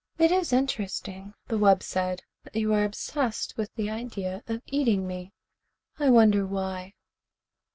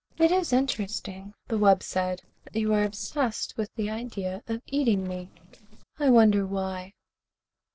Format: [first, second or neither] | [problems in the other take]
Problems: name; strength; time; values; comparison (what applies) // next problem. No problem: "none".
first | noise reduction (neural separator model SepFormer DNS4)